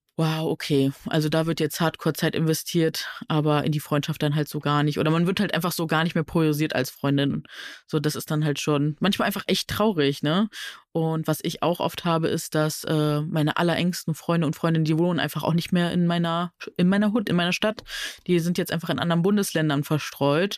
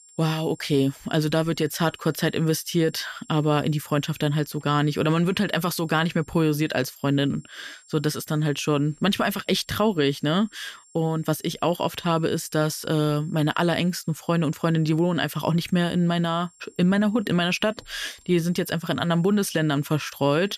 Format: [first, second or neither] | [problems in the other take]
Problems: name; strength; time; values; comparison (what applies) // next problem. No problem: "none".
first | high-pitched whine; faint; throughout; 7.5 kHz, 30 dB below the speech